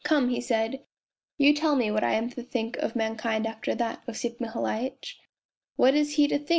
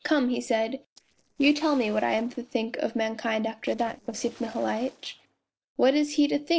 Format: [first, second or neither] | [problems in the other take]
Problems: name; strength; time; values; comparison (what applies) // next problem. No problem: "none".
first | noise reduction (neural separator model SepFormer DNS4)